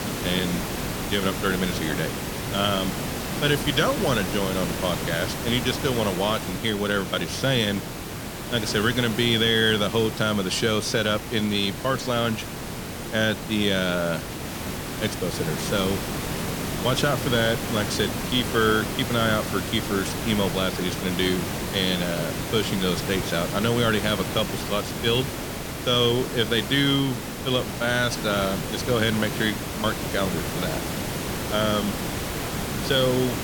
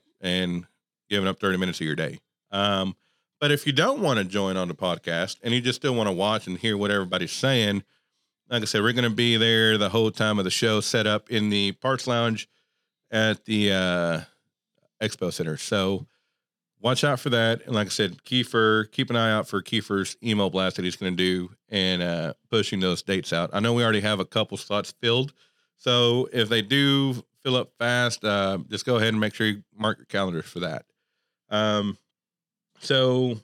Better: second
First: hiss; loud; throughout; 5 dB below the speech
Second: none

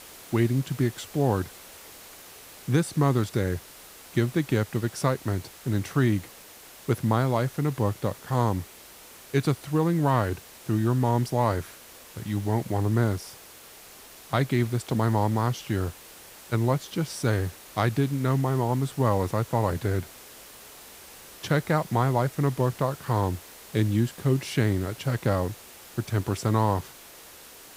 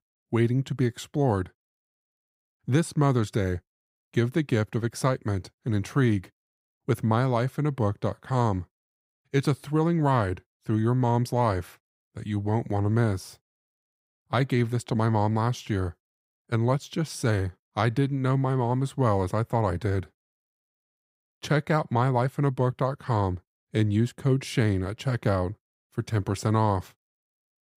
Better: second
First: hiss; noticeable; throughout; 20 dB below the speech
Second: none

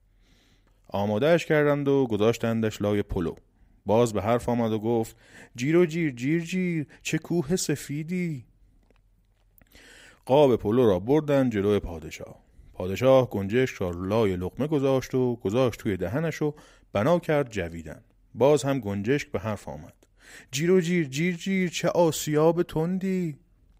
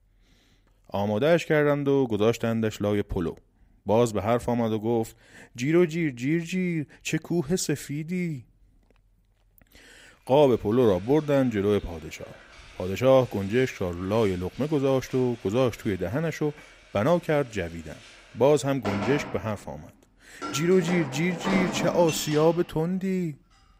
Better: first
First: none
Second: household noises; noticeable; from 10 s on; 15 dB below the speech

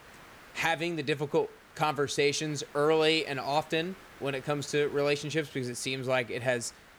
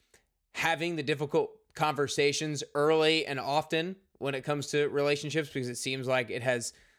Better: second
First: hiss; faint; throughout; 20 dB below the speech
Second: none

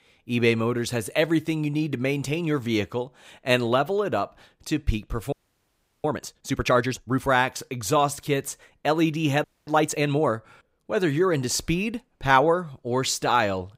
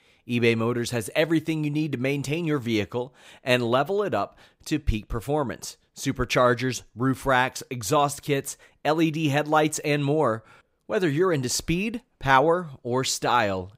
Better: second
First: audio freezing; at 5.5 s for 0.5 s and at 9.5 s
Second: none

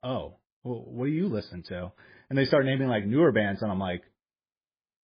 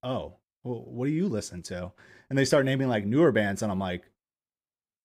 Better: second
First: garbled, watery; badly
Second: none

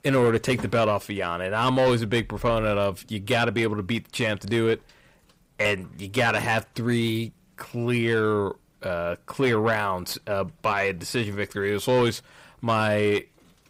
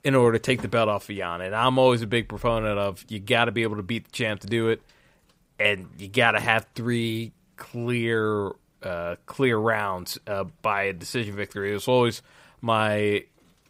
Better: second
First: distortion; slight; 10 dB below the speech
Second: none

